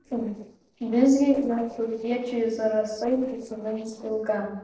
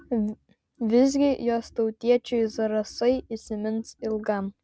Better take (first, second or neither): second